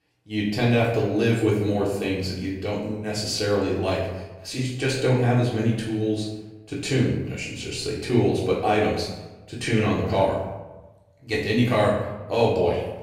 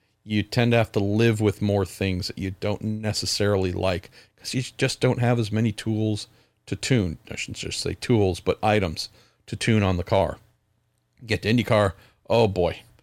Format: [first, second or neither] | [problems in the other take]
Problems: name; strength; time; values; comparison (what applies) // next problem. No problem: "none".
second | off-mic speech; far // room echo; noticeable; dies away in 0.9 s